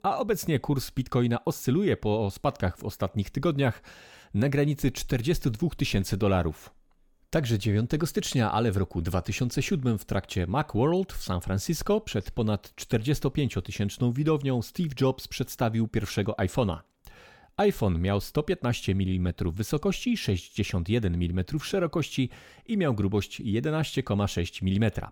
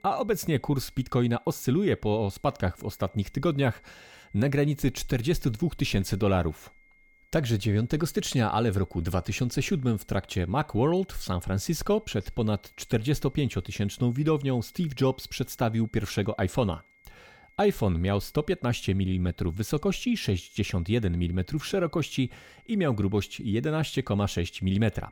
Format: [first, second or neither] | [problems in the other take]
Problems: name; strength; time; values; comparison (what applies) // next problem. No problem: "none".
first | high-pitched whine; faint; throughout; 2 kHz, 30 dB below the speech